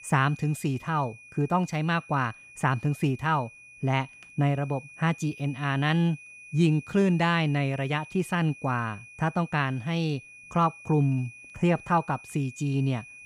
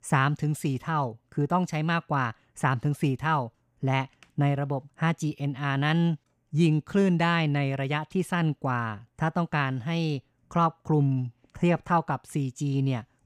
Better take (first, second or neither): second